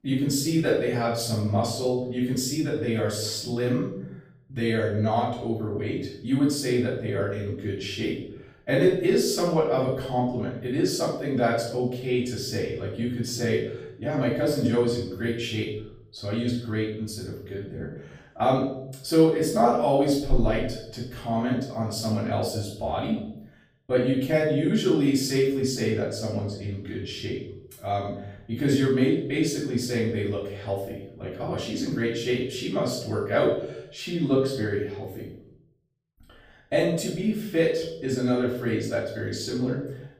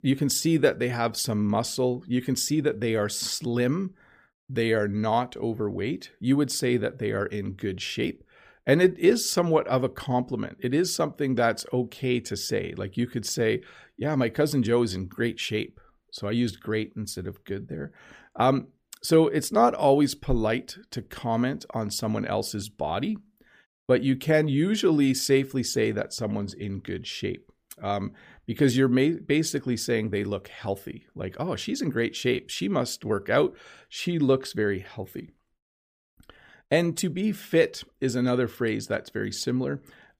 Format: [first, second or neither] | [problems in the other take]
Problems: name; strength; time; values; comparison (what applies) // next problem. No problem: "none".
second | off-mic speech; far // room echo; noticeable; dies away in 0.7 s